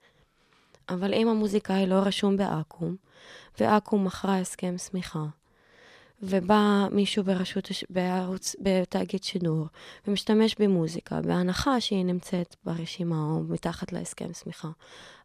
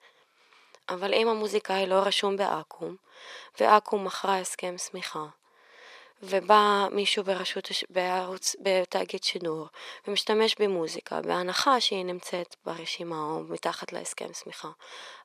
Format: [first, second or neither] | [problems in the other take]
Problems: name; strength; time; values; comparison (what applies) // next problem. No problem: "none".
first | thin; very; fading below 500 Hz